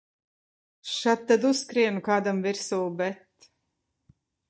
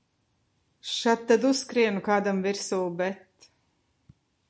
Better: second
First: noise reduction (neural mask model DeepFilterNet 3)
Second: none

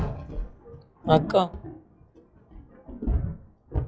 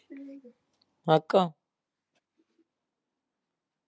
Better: second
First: noise reduction (classical method log-MMSE)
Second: none

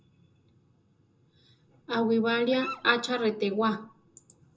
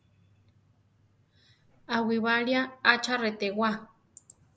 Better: second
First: background sound (Dog); 12 dB below the speech // room echo; dies away in 0.2 s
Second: none

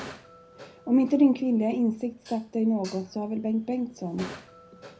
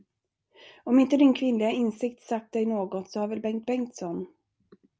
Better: second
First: background sound (Dishes, pots, and pans); 20 dB below the speech // room echo; dies away in 0.4 s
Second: none

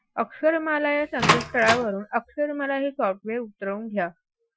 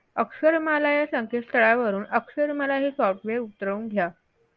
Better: second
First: noise reduction (classical method Wiener filter)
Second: none

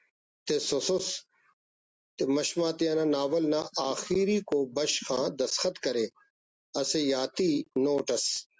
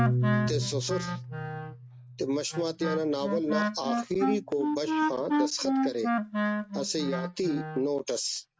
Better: first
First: none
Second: noise reduction (neural mask model RNNoise)

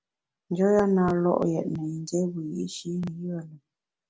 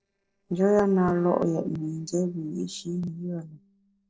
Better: first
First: none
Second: noise reduction (neural separator model SepFormer DNS4)

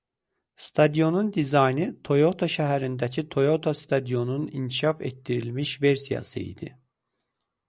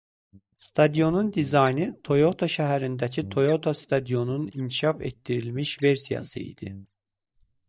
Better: first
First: none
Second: noise reduction (neural mask model DeepFilterNet 3)

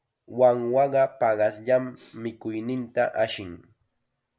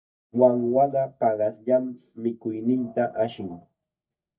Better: first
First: none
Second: noise reduction (neural mask model DeepFilterNet 3)

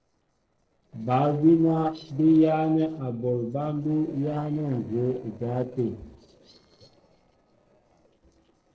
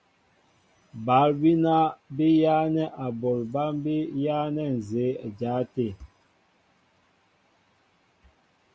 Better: second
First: noise reduction (neural separator model SepFormer DNS4)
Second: none

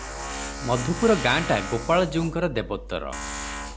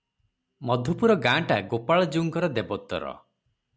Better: second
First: background sound (Tools); 8 dB below the speech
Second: none

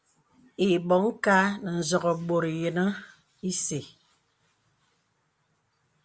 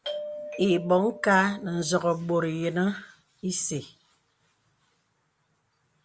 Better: first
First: none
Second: background sound (Doorbell); 11 dB below the speech

